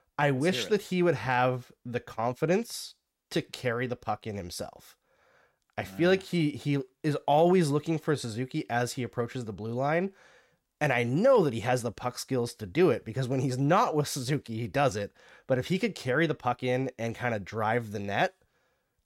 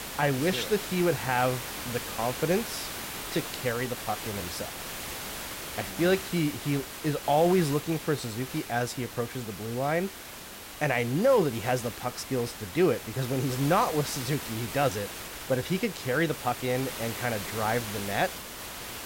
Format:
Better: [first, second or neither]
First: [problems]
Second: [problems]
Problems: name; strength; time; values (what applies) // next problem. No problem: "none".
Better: first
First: none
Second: hiss; loud; throughout; 8 dB below the speech